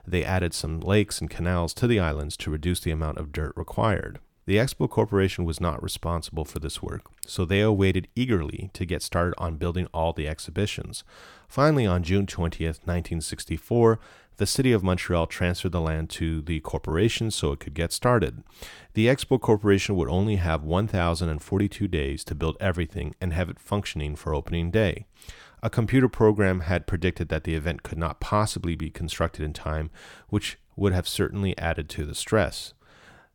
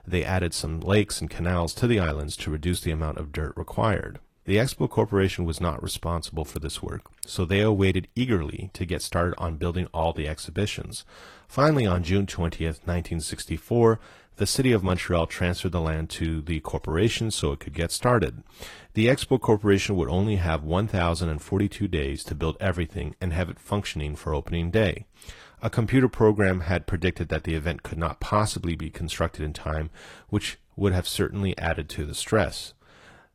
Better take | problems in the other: first | garbled, watery; slightly; nothing above 14.5 kHz

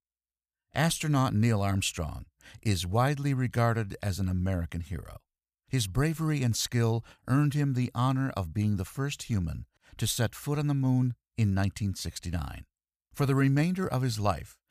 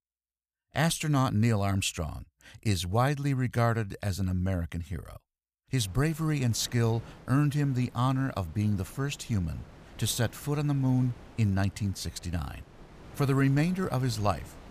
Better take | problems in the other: first | wind noise on the microphone; occasional gusts; from 6 s on; 20 dB below the speech

